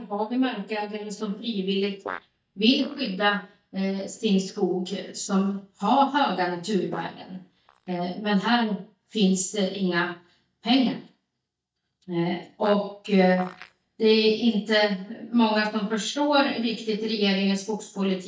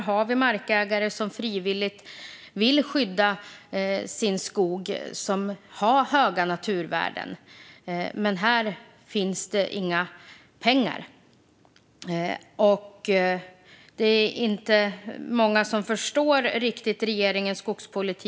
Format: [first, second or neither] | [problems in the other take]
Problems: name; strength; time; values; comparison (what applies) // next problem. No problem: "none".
second | noise reduction (neural mask model DeepFilterNet 3)